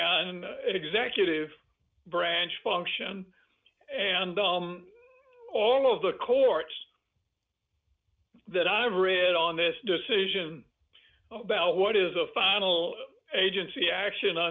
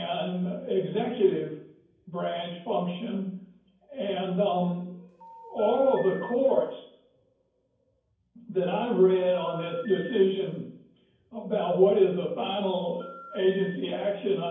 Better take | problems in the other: first | background sound (Telephone); 18 dB below the speech // room echo; dies away in 0.9 s

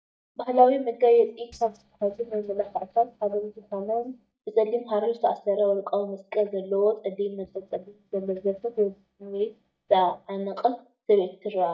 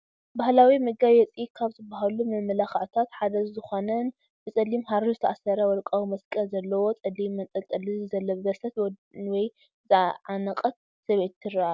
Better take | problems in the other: second | noise reduction (neural mask model DeepFilterNet 3)

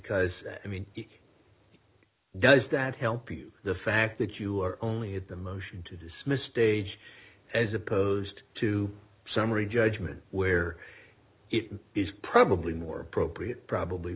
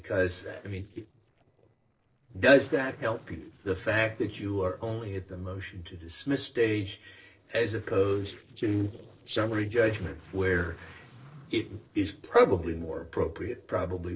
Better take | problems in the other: first | noise reduction (neural separator model SepFormer DNS4)

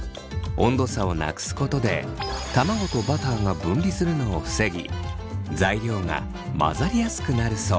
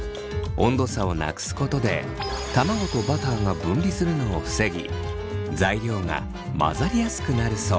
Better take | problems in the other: first | background sound (Bowed string instrument); 14 dB below the speech

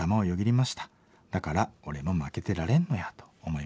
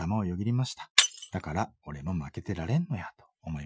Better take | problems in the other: first | noise reduction (classical method Wiener filter)

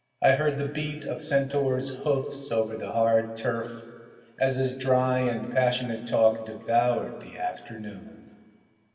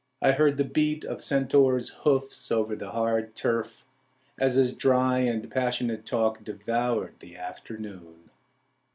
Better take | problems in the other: second | room echo; dies away in 1.9 s

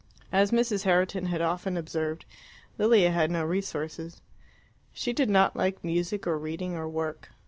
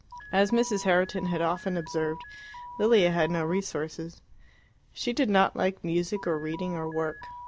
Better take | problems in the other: first | background sound (Alarm); 17 dB below the speech

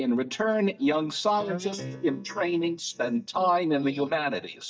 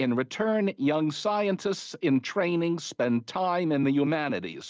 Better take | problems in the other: second | noise reduction (neural mask model DeepFilterNet 3)

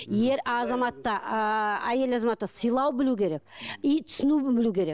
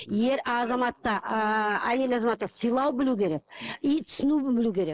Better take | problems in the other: first | noise reduction (neural mask model Resemble Enhance denoiser)

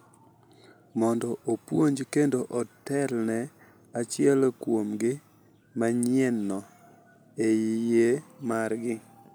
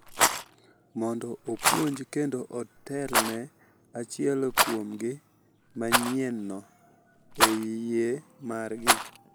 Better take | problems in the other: first | background sound (Rattle); 1 dB above the speech

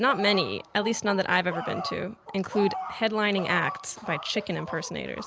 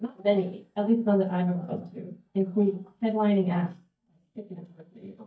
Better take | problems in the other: first | noise reduction (neural mask model DeepFilterNet 3)

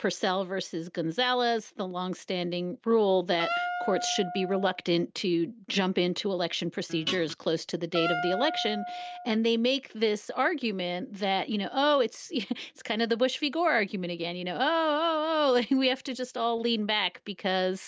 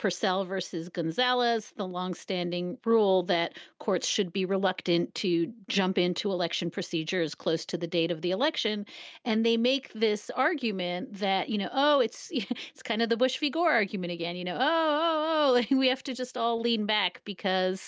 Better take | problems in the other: second | background sound (Guitar + Wind instrument, woodwind instrument); 7 dB below the speech

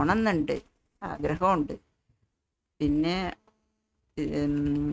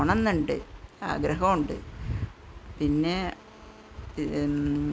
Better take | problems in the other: second | noise reduction (neural mask model RNNoise)

